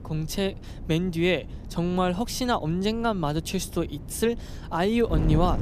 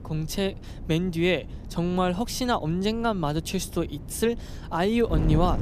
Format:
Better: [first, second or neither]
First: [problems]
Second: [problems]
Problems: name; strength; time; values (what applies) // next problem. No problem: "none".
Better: neither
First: wind noise on the microphone; occasional gusts; 15 dB below the speech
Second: wind noise on the microphone; occasional gusts; 15 dB below the speech